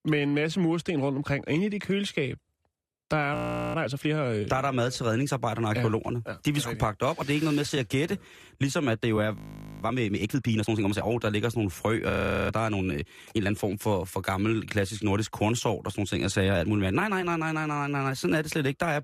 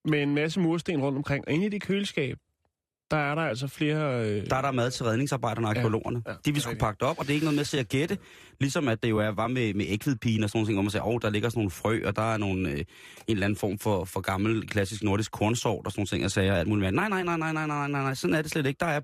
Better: second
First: audio freezing; at 3.5 s, at 9.5 s and at 12 s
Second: none

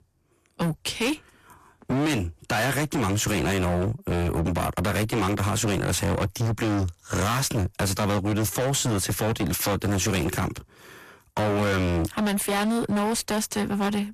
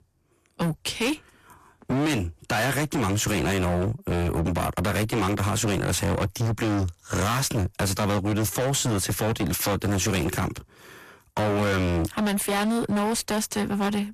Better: neither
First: distortion; heavy; 29% of the sound clipped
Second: distortion; heavy; 29% of the sound clipped

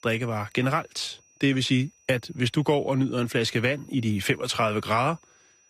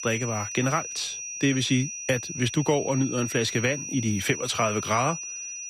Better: first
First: high-pitched whine; faint; throughout; 6 kHz, 30 dB below the speech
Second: high-pitched whine; loud; throughout; 6 kHz, 7 dB below the speech

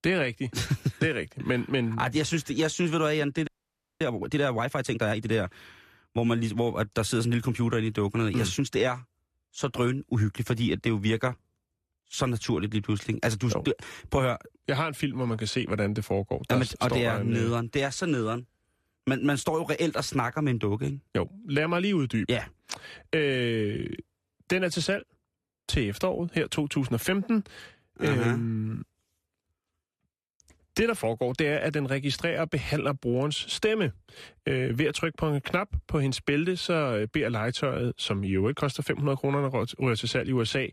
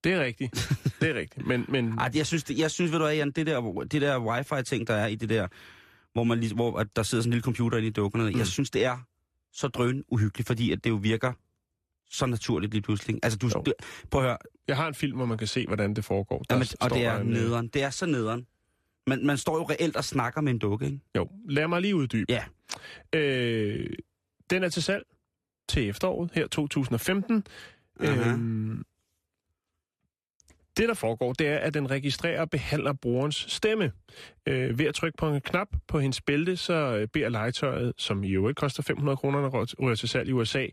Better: second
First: audio freezing; at 3.5 s for 0.5 s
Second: none

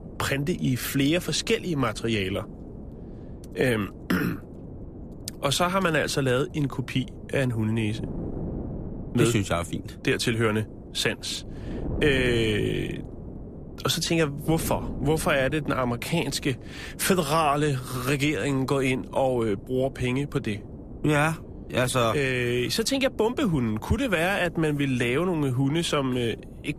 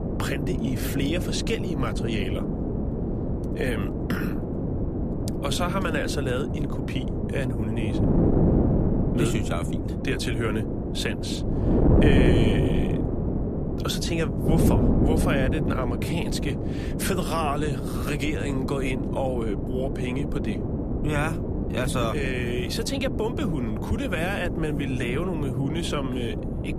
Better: first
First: wind noise on the microphone; occasional gusts; 20 dB below the speech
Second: wind noise on the microphone; heavy; 2 dB below the speech

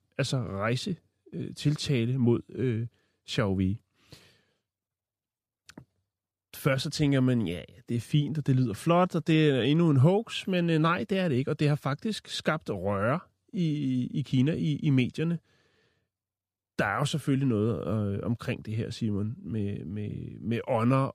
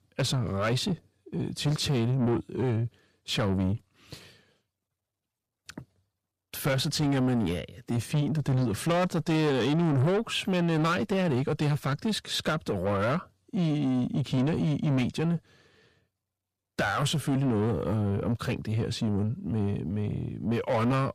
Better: first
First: none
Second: distortion; heavy; 7 dB below the speech

